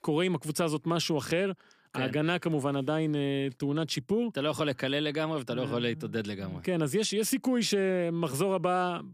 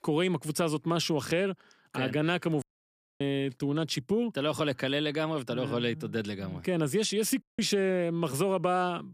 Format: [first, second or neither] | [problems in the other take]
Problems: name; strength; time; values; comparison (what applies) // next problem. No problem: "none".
first | audio cutting out; at 2.5 s for 0.5 s and at 7.5 s